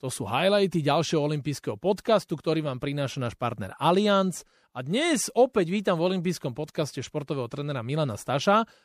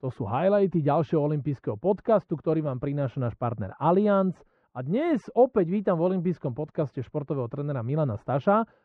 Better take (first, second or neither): first